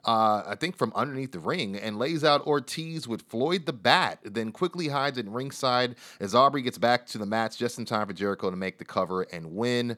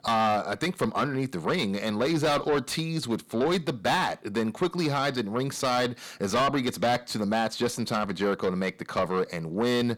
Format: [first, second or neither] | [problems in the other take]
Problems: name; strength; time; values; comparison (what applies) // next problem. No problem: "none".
first | distortion; heavy; 5 dB below the speech